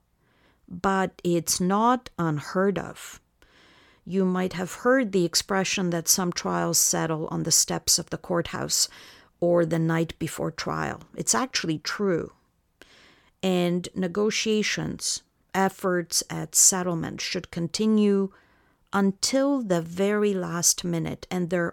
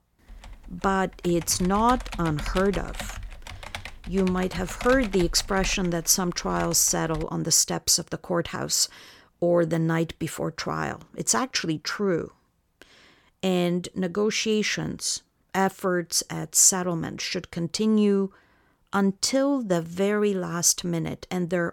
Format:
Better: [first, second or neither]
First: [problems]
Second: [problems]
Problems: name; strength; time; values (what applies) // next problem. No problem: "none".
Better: first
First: none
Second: keyboard typing; noticeable; until 7.5 s; peak 10 dB below the speech